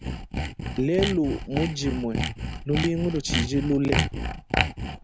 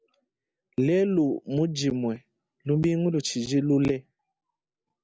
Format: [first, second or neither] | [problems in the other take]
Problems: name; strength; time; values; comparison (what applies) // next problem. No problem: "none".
second | background sound (Sawing); 2 dB below the speech